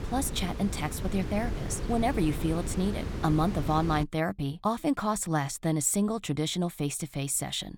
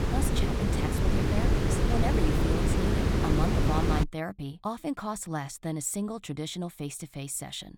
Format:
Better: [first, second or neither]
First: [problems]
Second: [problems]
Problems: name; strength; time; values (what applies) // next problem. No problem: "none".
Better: first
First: wind noise on the microphone; occasional gusts; until 4 s; 10 dB below the speech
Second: wind noise on the microphone; heavy; until 4 s; 3 dB above the speech